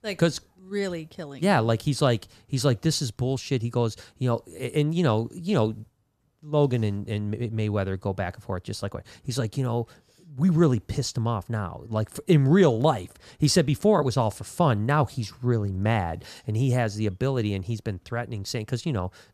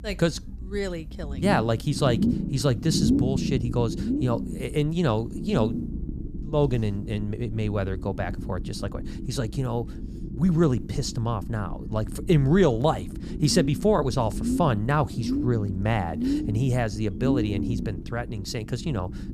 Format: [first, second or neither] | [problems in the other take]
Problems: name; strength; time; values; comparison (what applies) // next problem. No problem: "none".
first | low rumble; loud; throughout; 8 dB below the speech